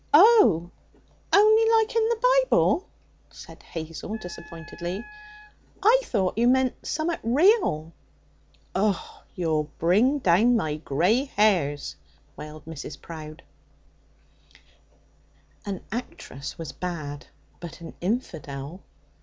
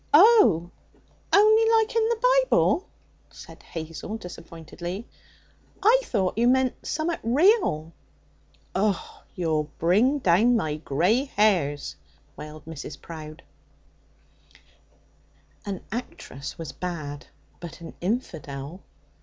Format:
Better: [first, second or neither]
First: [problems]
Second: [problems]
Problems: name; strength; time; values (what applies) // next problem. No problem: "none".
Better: second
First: background sound (Wind instrument, woodwind instrument); 20 dB below the speech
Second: none